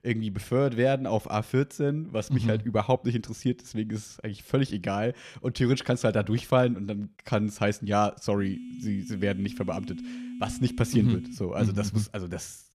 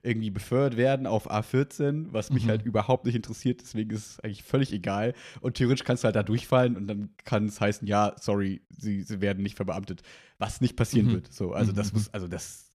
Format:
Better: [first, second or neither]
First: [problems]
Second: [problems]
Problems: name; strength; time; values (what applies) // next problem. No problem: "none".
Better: second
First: phone ringing; faint; from 8.5 to 12 s; peak 10 dB below the speech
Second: none